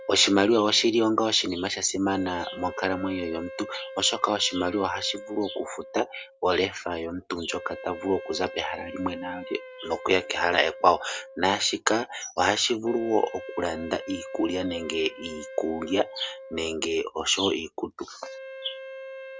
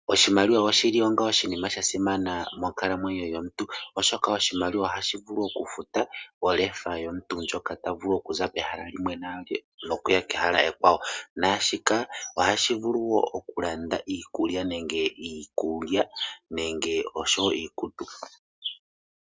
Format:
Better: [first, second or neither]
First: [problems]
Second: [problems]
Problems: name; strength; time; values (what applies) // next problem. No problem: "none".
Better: second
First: background sound (Wind instrument, woodwind instrument); 15 dB below the speech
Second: none